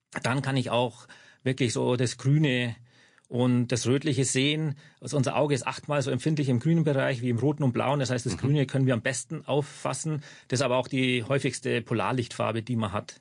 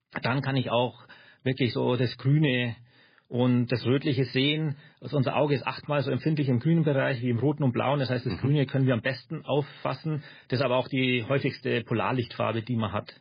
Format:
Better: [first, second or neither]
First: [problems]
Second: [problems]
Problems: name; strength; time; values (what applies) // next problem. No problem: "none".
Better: first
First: garbled, watery; slightly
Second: garbled, watery; badly